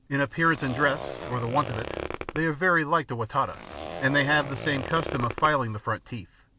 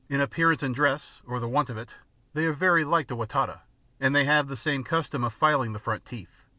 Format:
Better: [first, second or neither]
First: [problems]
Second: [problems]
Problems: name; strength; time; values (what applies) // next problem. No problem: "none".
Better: second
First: background sound (Zipper (clothing)); 10 dB below the speech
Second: none